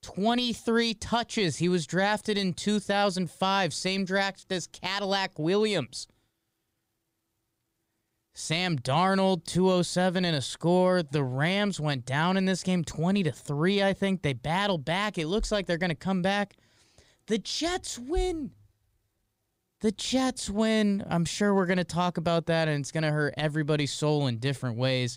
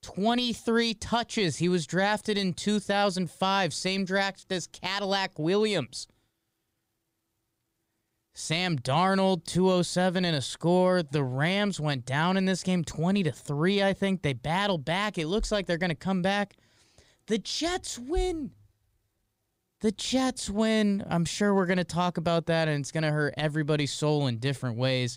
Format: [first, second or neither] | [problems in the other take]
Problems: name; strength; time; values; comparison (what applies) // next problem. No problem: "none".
neither | none